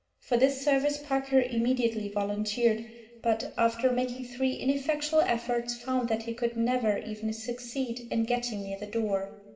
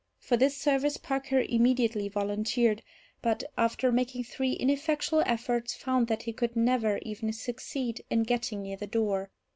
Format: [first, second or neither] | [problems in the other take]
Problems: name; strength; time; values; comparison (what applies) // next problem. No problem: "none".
second | room echo; dies away in 0.8 s